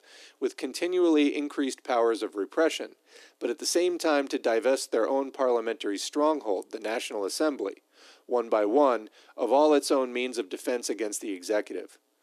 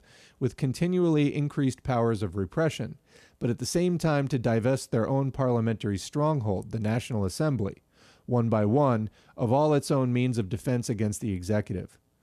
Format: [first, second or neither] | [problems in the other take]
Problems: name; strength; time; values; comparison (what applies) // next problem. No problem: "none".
second | thin; somewhat; fading below 300 Hz